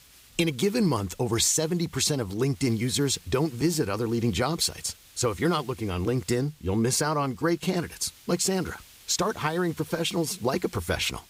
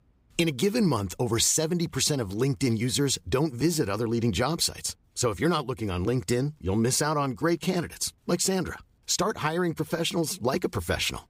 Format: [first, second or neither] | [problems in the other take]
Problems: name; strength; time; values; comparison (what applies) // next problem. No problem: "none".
second | hiss; faint; throughout; 25 dB below the speech